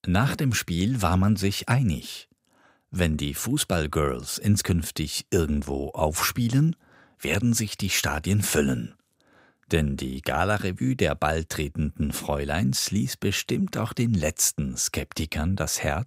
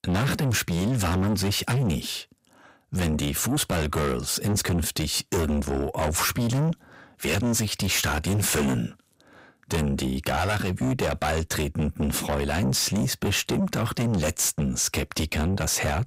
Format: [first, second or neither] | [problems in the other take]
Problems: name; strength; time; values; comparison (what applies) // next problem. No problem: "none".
first | distortion; heavy; 6 dB below the speech